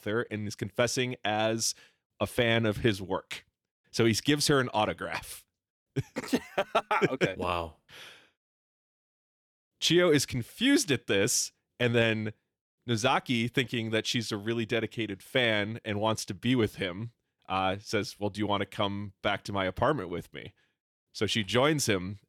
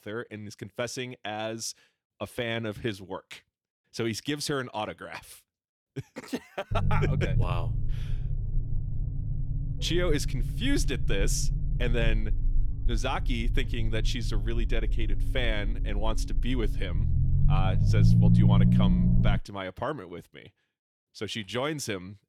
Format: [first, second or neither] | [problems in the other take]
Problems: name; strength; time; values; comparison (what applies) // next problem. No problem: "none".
first | low rumble; loud; from 6.5 to 19 s; 6 dB below the speech